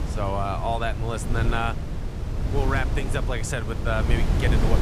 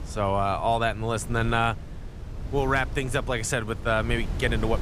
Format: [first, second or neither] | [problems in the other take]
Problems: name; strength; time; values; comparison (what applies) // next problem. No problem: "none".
second | wind noise on the microphone; heavy; 8 dB below the speech; occasional gusts in the second